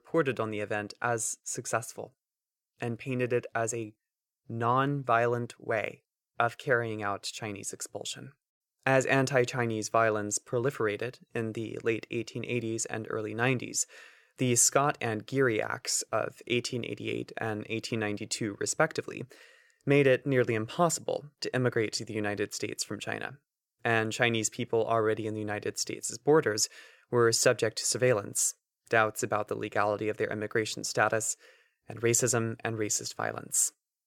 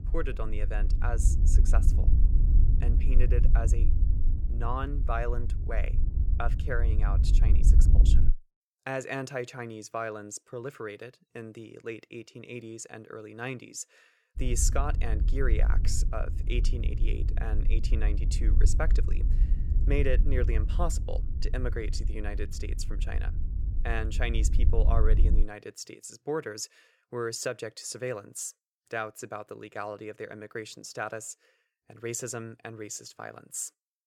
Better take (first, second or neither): first